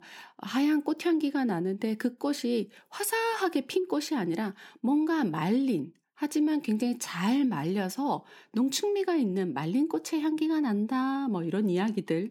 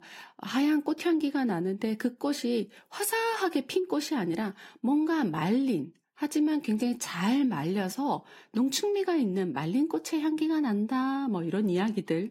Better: first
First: none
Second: garbled, watery; slightly

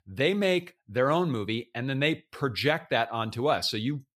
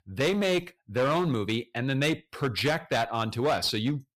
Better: first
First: none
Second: distortion; slight; 11% of the sound clipped

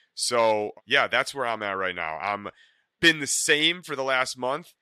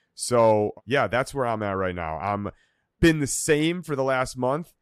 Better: second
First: thin; somewhat; fading below 500 Hz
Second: none

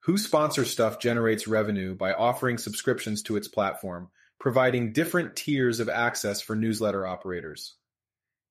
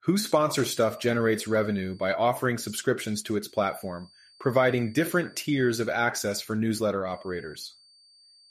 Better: first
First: none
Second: high-pitched whine; faint; from 0.5 to 2 s, from 3.5 to 6 s and from 7 s on; 4.5 kHz, 30 dB below the speech

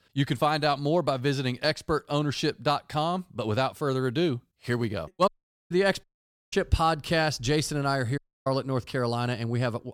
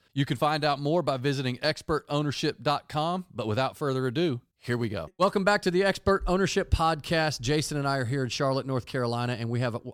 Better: second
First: audio cutting out; at 5.5 s, at 6 s and at 8 s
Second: none

